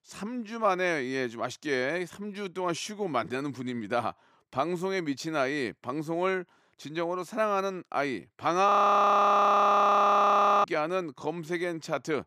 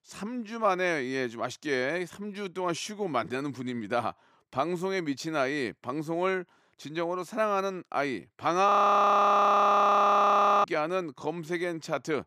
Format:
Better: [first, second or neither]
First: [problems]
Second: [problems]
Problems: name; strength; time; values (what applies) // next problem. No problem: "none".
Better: neither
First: audio freezing; at 8.5 s for 2 s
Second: audio freezing; at 8.5 s for 2 s